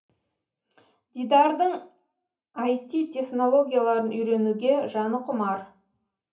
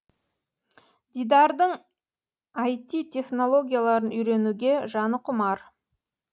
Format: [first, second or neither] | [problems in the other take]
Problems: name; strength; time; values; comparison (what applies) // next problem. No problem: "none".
second | room echo; dies away in 0.3 s